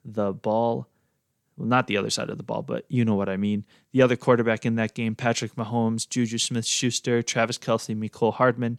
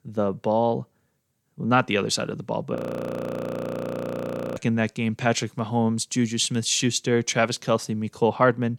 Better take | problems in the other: first | audio freezing; at 3 s for 2 s

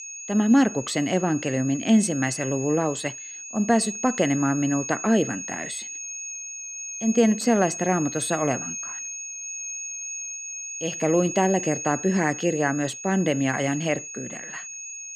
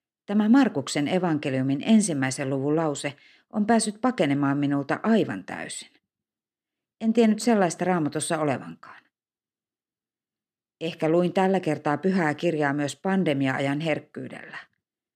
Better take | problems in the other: second | high-pitched whine; loud; throughout; 6.5 kHz, 9 dB below the speech

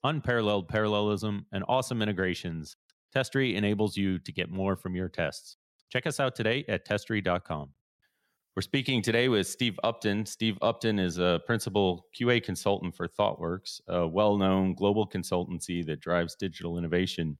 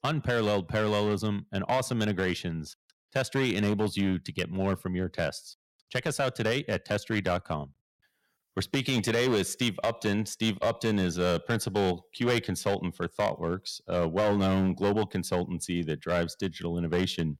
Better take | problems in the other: first | distortion; slight; 6% of the sound clipped

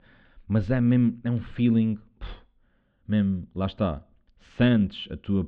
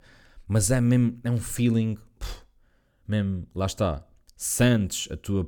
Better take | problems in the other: second | muffled; very; fading above 3.5 kHz

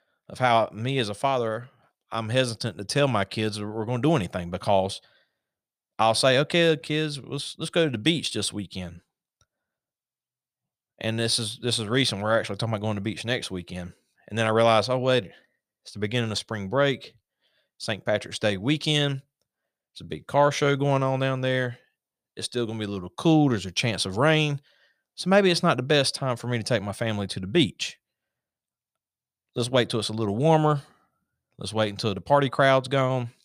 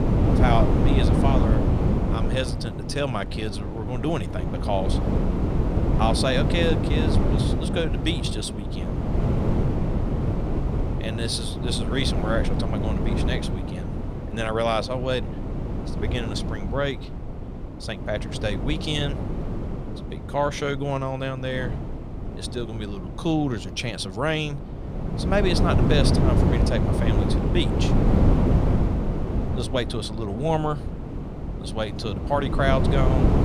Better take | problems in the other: first | wind noise on the microphone; heavy; 4 dB below the speech

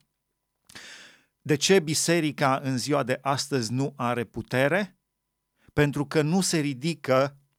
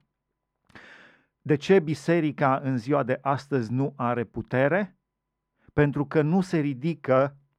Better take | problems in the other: first | muffled; very; fading above 3.5 kHz

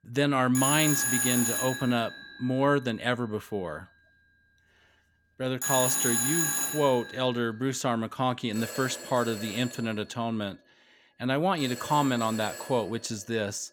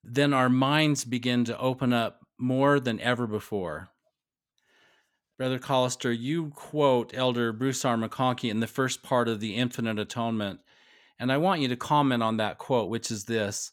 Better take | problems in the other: second | alarms or sirens; loud; throughout; as loud as the speech

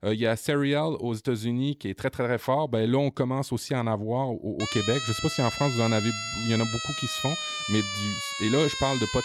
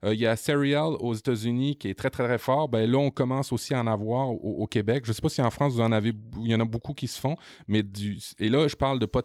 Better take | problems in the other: second | siren; noticeable; from 4.5 s on; peak 2 dB below the speech

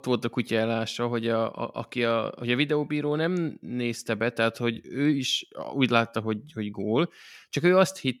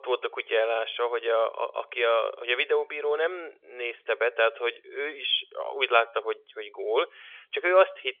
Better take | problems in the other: first | phone-call audio; nothing above 3.5 kHz

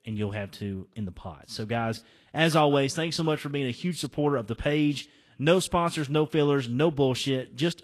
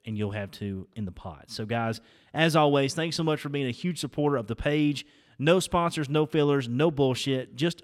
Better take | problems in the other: second | garbled, watery; slightly; nothing above 12.5 kHz

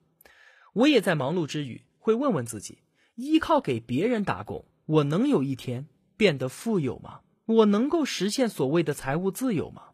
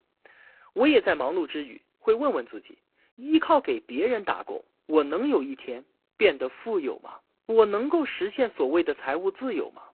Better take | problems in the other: first | phone-call audio; poor line; nothing above 4 kHz

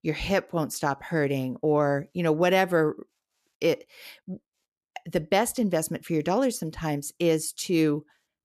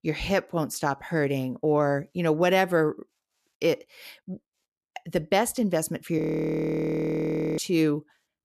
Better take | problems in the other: first | audio freezing; at 6 s for 1.5 s

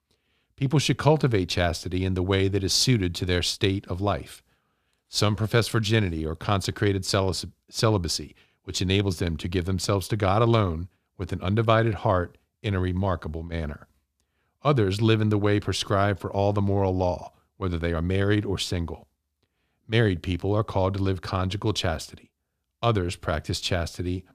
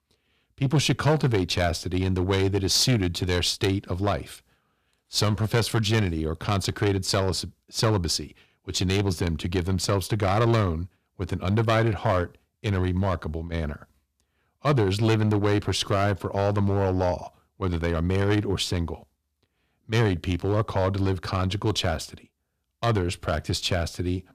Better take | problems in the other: first | distortion; slight; 4% of the sound clipped

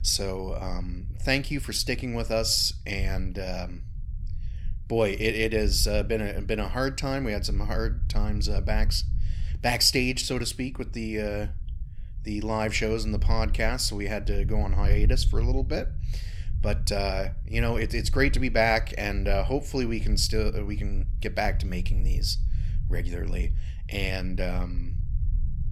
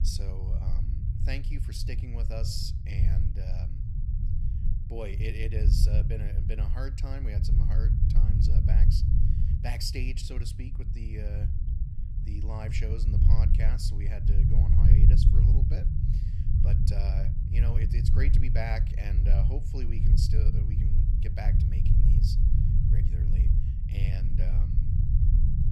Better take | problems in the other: first | low rumble; loud; throughout; 1 dB below the speech; faint in the first

